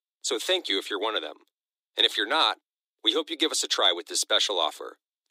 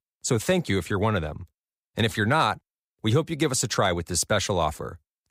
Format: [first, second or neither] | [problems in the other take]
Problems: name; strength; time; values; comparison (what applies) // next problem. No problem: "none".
second | thin; very; fading below 300 Hz